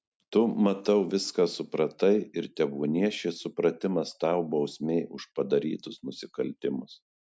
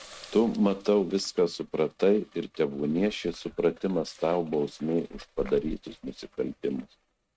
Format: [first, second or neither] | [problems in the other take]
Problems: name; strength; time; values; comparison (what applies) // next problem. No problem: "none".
first | noise reduction (neural mask model RNNoise)